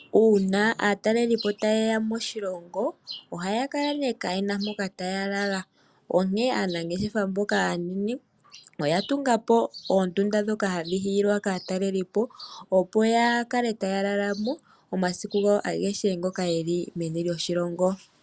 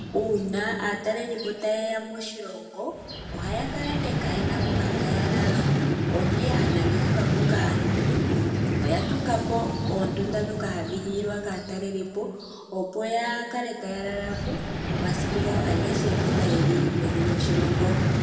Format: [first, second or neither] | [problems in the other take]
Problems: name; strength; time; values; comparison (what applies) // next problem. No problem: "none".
first | background sound (Vehicle); 4 dB above the speech // room echo; dies away in 2 s